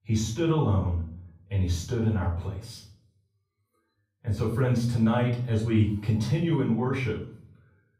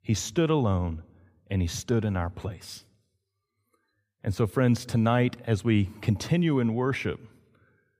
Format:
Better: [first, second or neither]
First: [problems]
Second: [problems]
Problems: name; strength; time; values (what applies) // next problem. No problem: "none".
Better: second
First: off-mic speech; far // room echo; slight; dies away in 0.5 s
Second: none